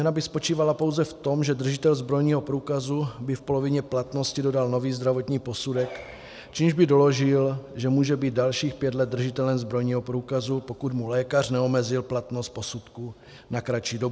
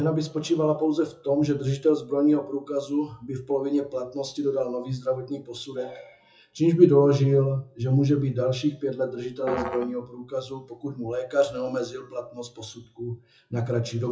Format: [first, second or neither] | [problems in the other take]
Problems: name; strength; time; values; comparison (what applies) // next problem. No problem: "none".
first | noise reduction (classical method WPE with log-MMSE)